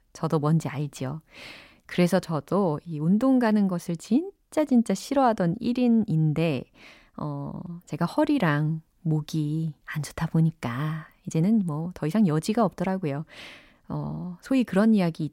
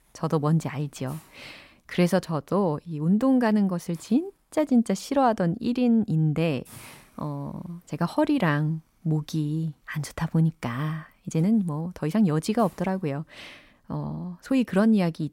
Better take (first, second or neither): first